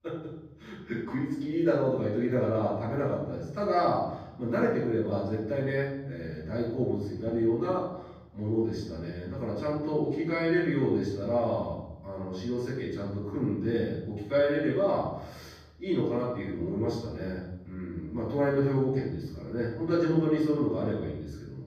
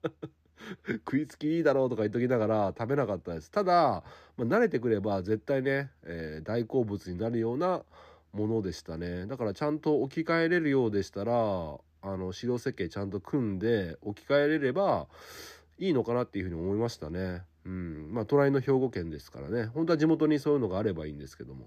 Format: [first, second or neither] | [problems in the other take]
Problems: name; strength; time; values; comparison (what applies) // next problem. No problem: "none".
second | off-mic speech; far // room echo; noticeable; dies away in 1 s